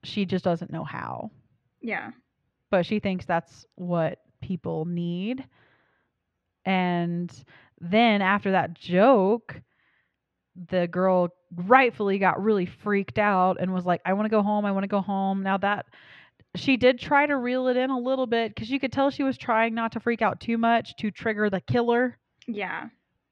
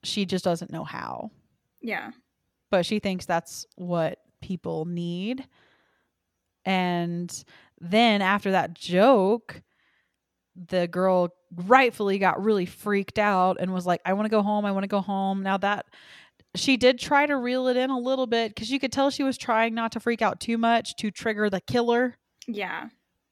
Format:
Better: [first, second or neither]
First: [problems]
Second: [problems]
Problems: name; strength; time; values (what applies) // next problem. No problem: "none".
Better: second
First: muffled; slightly; fading above 2.5 kHz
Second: none